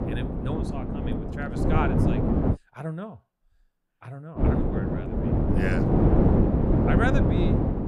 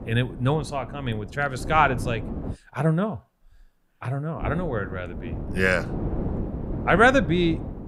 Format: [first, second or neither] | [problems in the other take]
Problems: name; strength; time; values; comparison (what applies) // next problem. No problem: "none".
second | wind noise on the microphone; heavy; until 2.5 s and from 4.5 s on; 4 dB above the speech; occasional gusts in the second